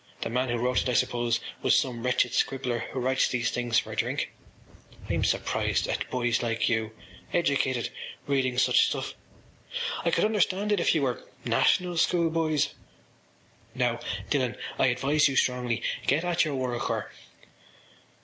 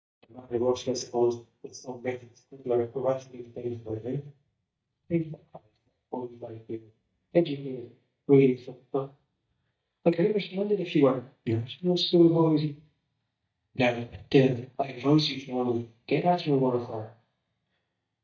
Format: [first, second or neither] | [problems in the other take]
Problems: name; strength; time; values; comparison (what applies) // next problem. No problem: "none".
first | noise reduction (neural mask model DeepFilterNet 3)